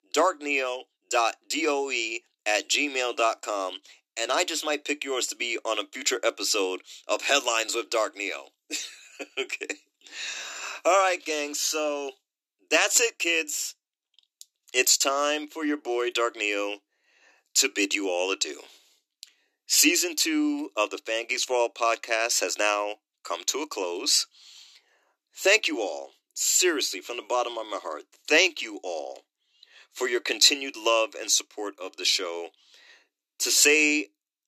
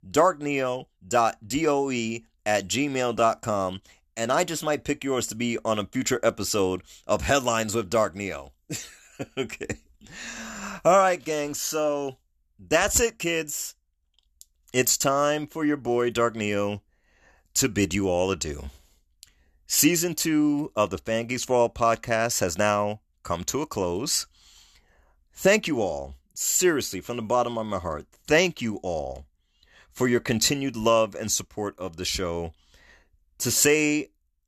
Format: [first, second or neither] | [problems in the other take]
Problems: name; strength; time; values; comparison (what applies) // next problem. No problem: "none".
second | thin; very slightly; fading below 300 Hz